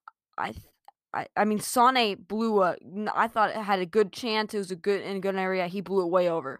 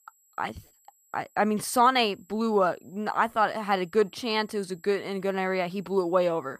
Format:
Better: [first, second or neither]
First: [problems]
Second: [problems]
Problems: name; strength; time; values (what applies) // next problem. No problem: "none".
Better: first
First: none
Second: high-pitched whine; faint; throughout; 7.5 kHz, 35 dB below the speech